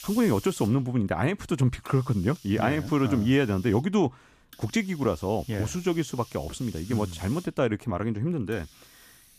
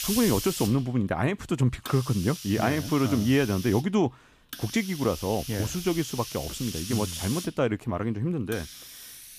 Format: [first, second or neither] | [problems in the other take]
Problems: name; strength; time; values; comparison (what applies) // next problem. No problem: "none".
first | hiss; loud; throughout; 9 dB below the speech; faint in the first